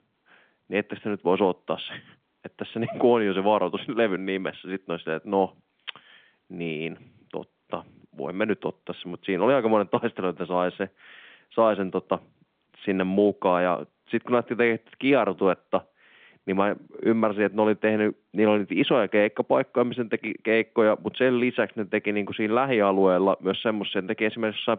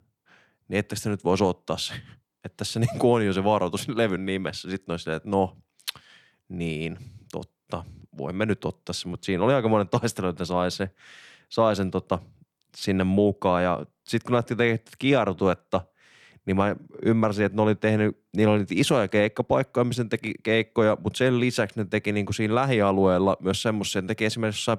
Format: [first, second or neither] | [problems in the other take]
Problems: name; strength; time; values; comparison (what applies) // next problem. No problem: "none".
second | phone-call audio; nothing above 3.5 kHz